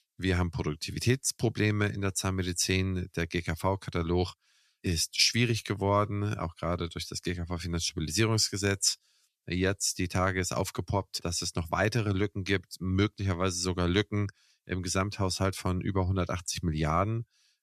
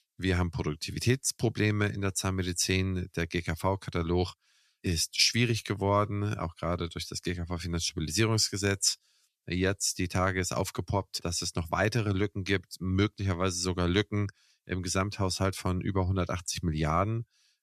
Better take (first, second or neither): neither